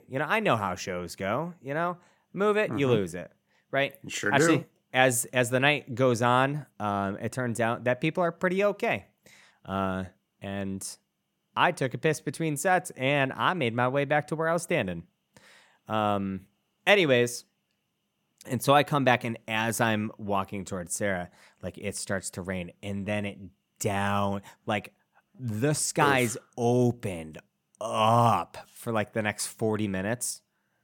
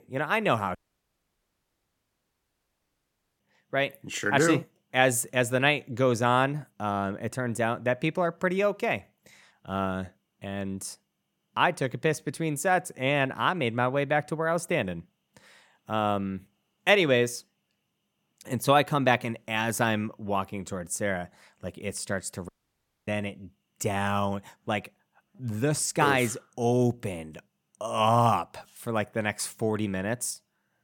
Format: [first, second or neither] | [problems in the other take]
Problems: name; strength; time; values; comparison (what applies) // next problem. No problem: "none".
first | audio cutting out; at 1 s for 2.5 s and at 22 s for 0.5 s